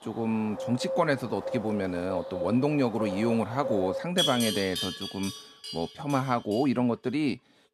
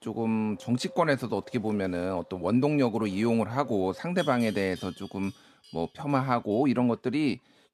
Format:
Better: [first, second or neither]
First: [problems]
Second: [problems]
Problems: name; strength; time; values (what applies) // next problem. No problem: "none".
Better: second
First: animal sounds; loud; throughout; 5 dB below the speech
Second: animal sounds; faint; throughout; 20 dB below the speech